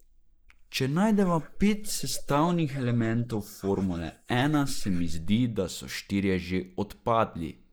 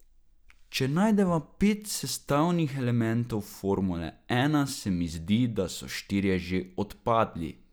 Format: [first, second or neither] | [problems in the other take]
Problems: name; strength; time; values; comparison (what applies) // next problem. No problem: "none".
second | noise reduction (neural mask model Resemble Enhance denoiser)